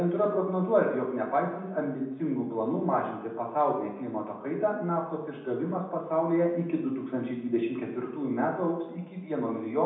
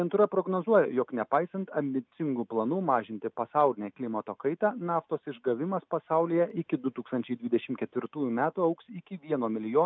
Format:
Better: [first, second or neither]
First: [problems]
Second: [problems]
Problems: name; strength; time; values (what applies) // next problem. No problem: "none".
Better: second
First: room echo; dies away in 0.9 s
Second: none